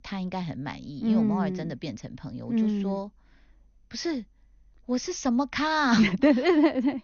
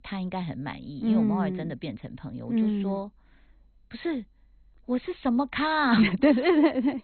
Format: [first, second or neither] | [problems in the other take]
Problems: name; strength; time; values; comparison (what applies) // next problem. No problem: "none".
first | garbled, watery; badly; nothing above 4 kHz; slightly in the first